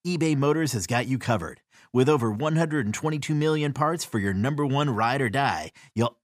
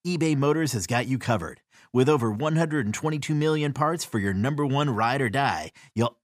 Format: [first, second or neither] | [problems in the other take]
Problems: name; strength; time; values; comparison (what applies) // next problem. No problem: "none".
neither | none